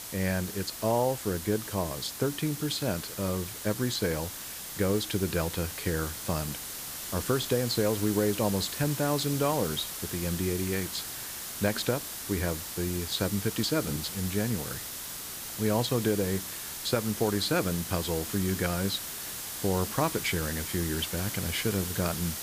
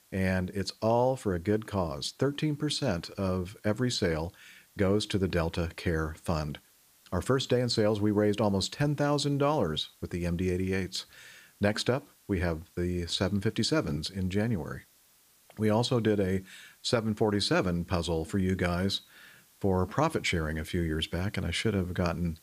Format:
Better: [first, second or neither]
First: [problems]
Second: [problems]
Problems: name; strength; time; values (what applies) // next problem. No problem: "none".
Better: second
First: hiss; loud; throughout; 5 dB below the speech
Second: hiss; faint; throughout; 30 dB below the speech